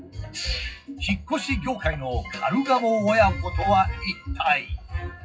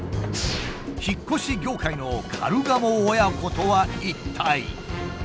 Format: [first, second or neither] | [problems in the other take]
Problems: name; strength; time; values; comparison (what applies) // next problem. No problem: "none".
second | noise reduction (classical method WPE with log-MMSE)